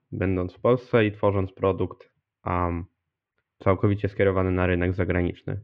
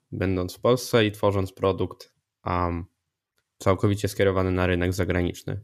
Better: second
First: muffled; very; fading above 2.5 kHz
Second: none

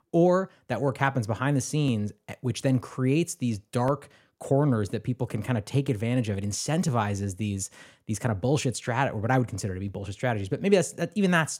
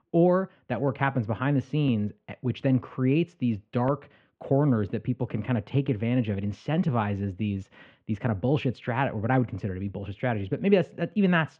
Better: first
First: none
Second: muffled; very; fading above 3 kHz

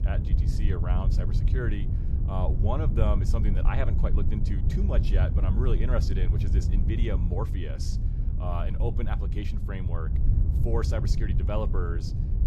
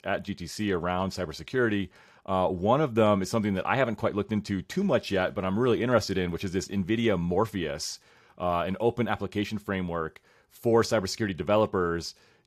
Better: second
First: low rumble; loud; throughout; 5 dB below the speech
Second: none

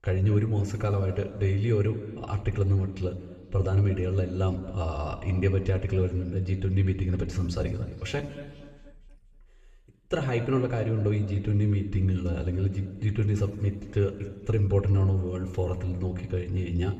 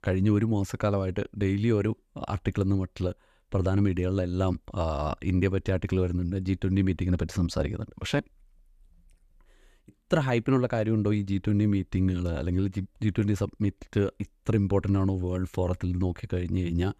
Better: second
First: room echo; noticeable; dies away in 1.8 s // off-mic speech; somewhat distant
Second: none

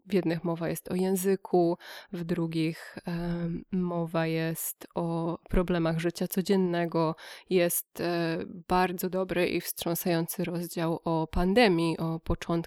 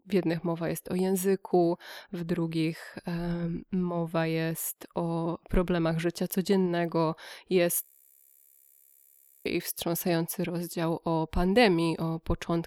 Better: first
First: none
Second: audio freezing; at 8 s for 1.5 s

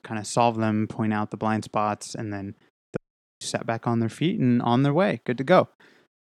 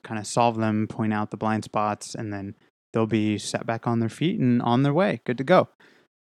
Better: second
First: audio cutting out; at 3 s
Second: none

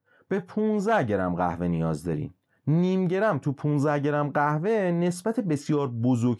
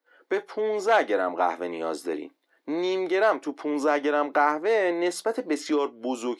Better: first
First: none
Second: thin; somewhat; fading below 300 Hz

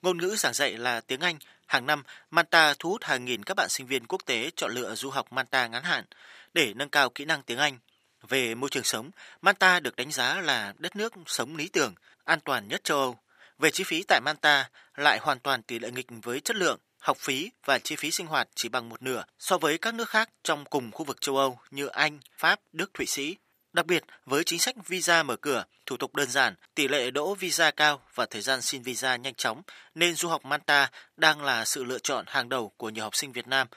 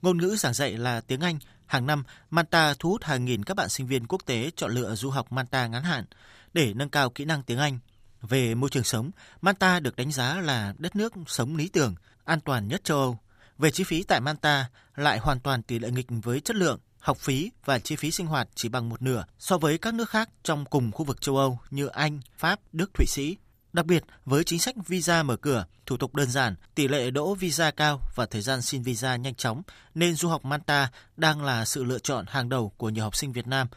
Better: second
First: thin; somewhat; fading below 350 Hz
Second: none

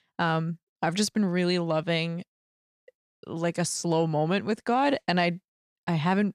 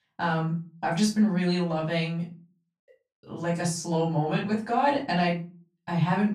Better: first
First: none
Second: off-mic speech; far // room echo; slight; dies away in 0.3 s

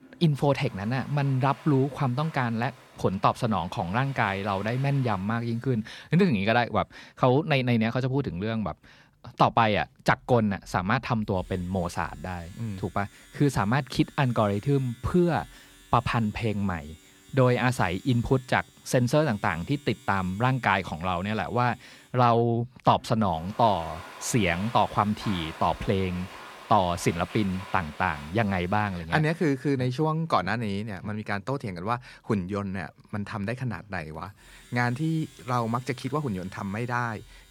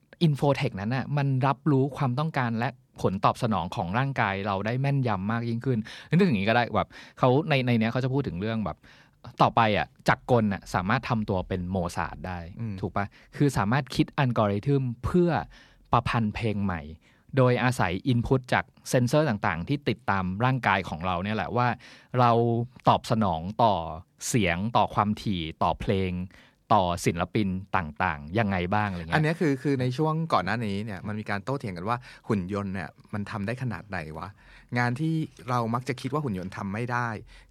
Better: second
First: household noises; faint; throughout; 20 dB below the speech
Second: none

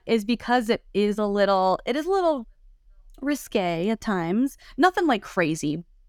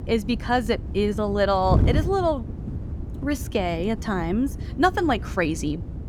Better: first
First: none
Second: wind noise on the microphone; occasional gusts; 15 dB below the speech

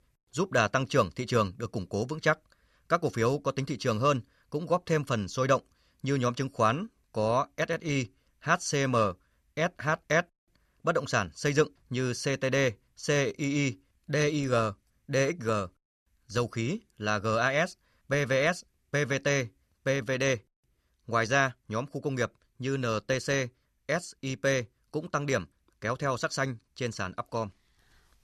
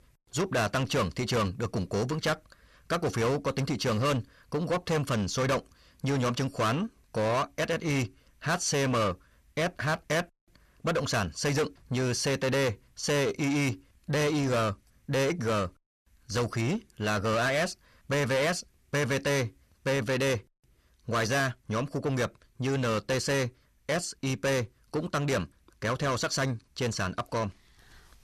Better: first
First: none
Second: distortion; heavy; 7 dB below the speech

